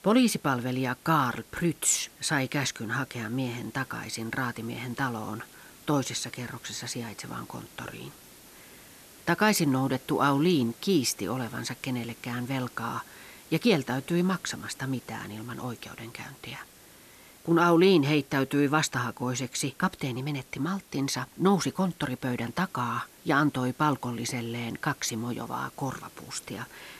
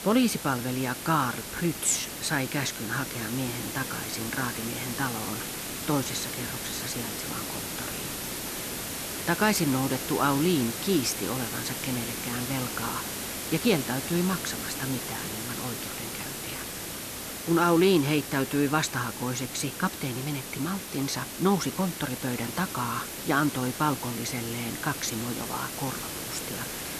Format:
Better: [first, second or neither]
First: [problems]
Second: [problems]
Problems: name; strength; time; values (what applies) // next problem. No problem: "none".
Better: first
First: hiss; faint; throughout; 20 dB below the speech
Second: hiss; loud; throughout; 5 dB below the speech